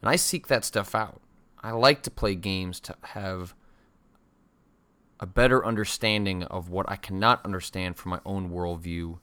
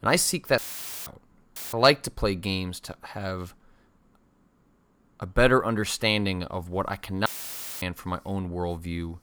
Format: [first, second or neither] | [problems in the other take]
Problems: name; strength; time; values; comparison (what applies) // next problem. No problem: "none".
first | audio cutting out; filled with static; at 0.5 s, at 1.5 s and at 7.5 s for 0.5 s